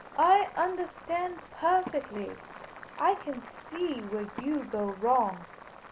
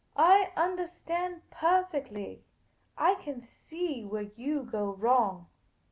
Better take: second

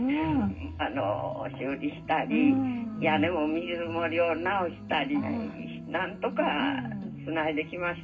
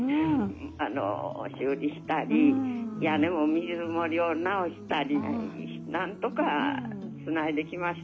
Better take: second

